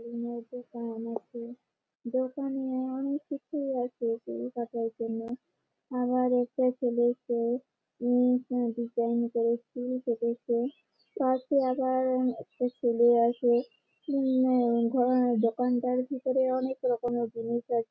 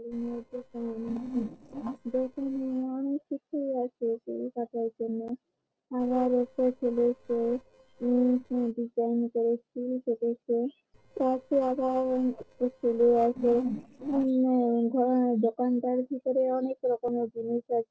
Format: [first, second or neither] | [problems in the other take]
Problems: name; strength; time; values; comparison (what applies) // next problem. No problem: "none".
first | noise reduction (neural separator model SepFormer DNS4)